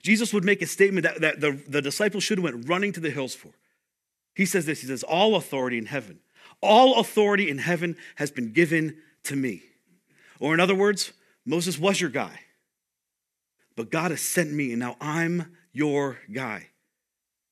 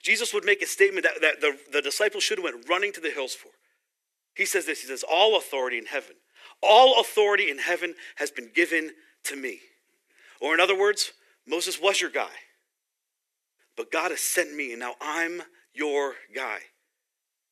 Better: first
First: none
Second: thin; very; fading below 350 Hz

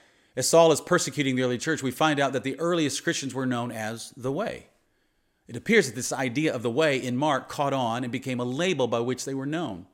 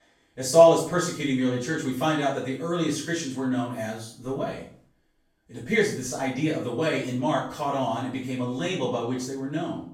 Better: first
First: none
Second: off-mic speech; far // room echo; noticeable; dies away in 0.4 s

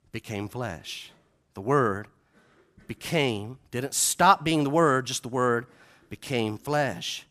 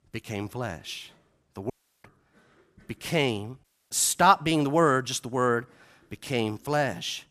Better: first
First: none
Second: audio cutting out; at 1.5 s and at 3.5 s

